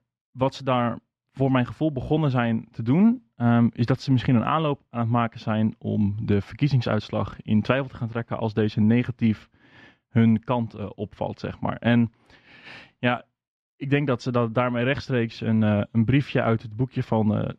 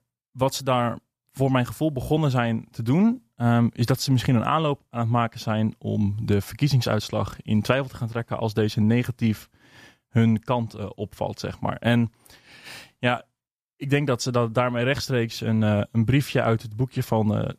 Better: second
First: muffled; slightly; fading above 3 kHz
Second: none

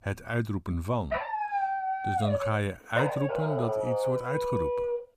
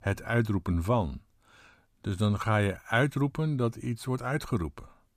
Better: second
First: dog barking; loud; from 1 s on; peak 3 dB above the speech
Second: none

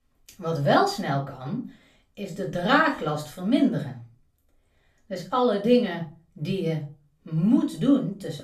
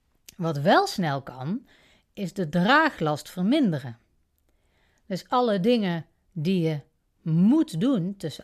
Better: second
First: off-mic speech; far // room echo; slight; dies away in 0.3 s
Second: none

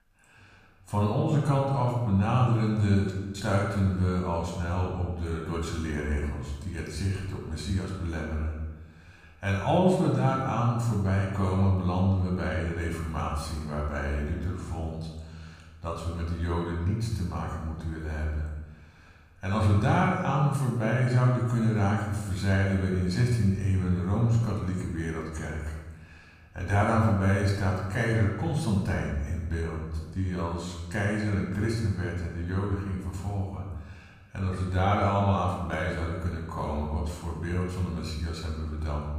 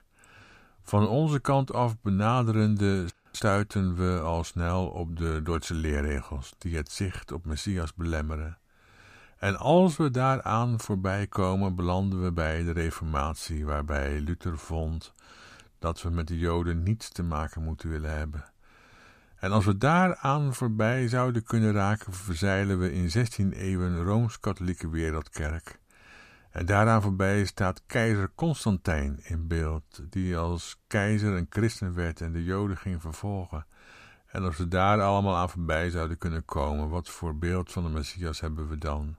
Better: second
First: off-mic speech; far // room echo; noticeable; dies away in 1.1 s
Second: none

